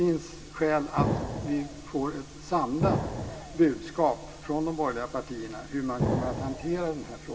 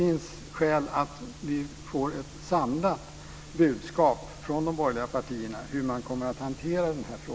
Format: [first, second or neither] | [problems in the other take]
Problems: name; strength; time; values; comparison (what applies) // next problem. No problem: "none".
second | background sound (Explosion); 4 dB below the speech // room echo; dies away in 1.9 s